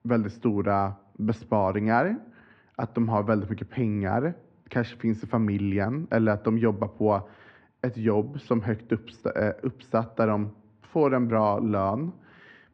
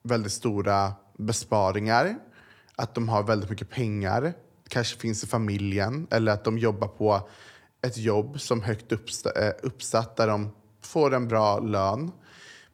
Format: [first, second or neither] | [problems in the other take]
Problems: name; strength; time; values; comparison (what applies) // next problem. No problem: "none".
second | muffled; very; fading above 2.5 kHz